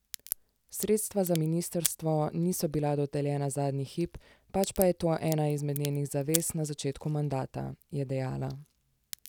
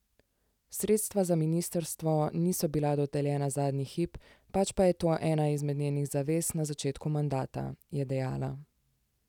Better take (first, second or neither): second